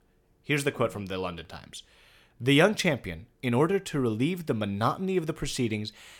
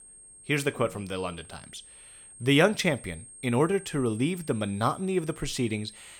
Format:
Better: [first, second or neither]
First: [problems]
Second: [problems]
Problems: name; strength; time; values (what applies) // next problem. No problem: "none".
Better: first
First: none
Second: high-pitched whine; noticeable; throughout; 8.5 kHz, 20 dB below the speech